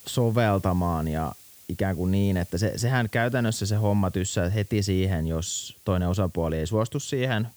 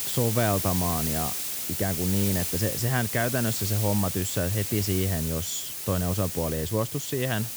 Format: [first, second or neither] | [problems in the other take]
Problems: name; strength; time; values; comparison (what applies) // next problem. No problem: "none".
first | hiss; loud; throughout; 1 dB below the speech; faint in the first